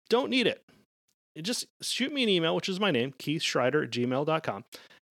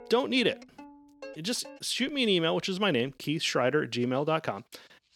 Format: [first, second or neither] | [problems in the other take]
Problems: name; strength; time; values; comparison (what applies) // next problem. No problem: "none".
first | background music; faint; throughout; 20 dB below the speech